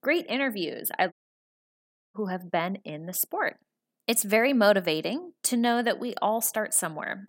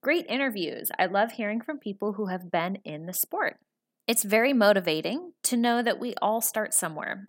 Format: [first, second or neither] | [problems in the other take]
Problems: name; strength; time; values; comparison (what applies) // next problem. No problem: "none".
second | audio cutting out; at 1 s for 1 s